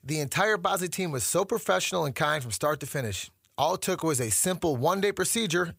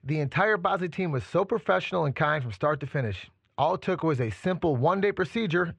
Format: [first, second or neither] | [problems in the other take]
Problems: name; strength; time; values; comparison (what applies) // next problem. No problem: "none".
first | muffled; very; fading above 2.5 kHz